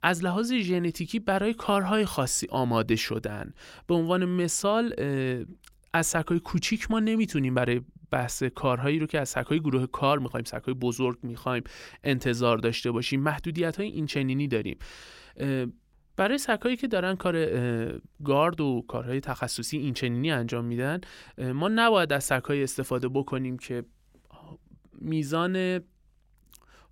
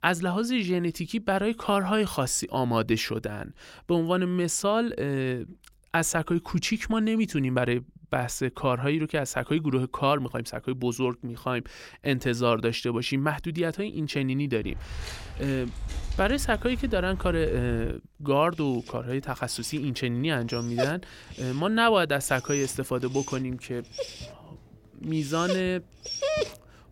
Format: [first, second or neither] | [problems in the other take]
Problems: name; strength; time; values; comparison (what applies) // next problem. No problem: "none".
first | footsteps; noticeable; from 15 to 18 s; peak 7 dB below the speech // dog barking; loud; from 21 s on; peak level with the speech